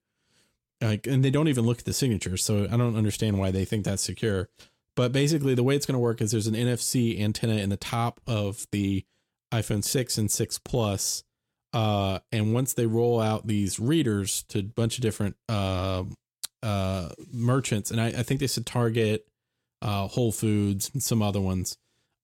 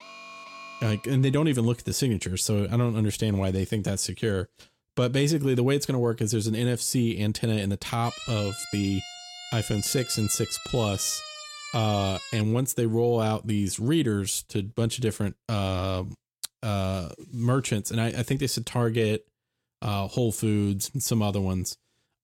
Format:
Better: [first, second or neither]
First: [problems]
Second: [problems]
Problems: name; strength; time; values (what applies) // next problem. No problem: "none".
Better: first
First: none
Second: alarm; faint; until 1.5 s; peak 15 dB below the speech // siren; noticeable; from 8 to 12 s; peak 9 dB below the speech